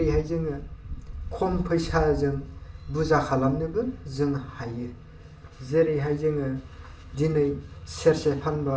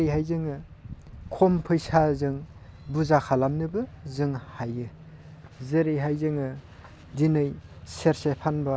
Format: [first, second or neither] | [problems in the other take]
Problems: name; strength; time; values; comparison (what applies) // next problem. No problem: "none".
second | room echo; dies away in 0.4 s